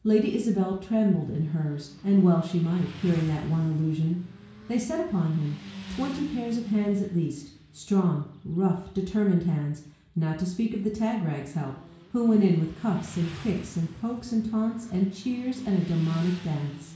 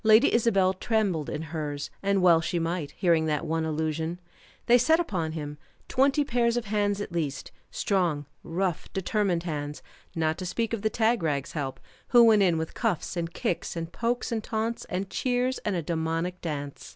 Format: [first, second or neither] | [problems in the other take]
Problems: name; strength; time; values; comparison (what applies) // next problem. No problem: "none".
second | background sound (Motorcycle); 18 dB below the speech // room echo; dies away in 0.6 s